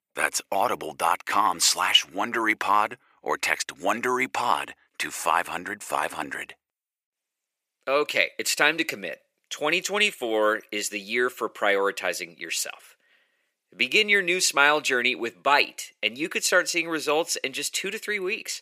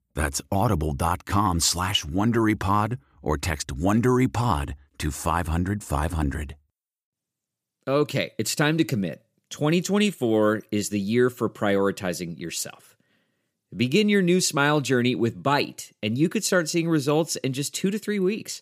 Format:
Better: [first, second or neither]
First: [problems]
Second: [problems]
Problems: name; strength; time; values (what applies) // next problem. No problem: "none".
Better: second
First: thin; very; fading below 600 Hz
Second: none